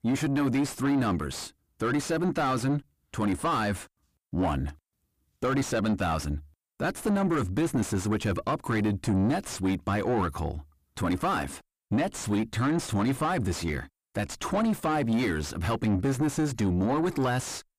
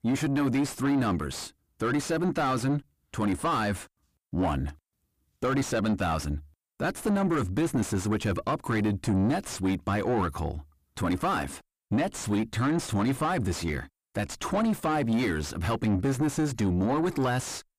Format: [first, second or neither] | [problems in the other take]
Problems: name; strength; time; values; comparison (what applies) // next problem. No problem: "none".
neither | distortion; heavy; 6 dB below the speech; the same in both